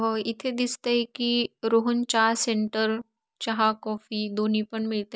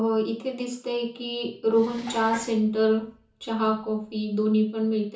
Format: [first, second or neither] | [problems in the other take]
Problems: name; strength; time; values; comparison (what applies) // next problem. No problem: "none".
first | background sound (Dishes, pots, and pans); 19 dB below the speech // room echo; dies away in 0.7 s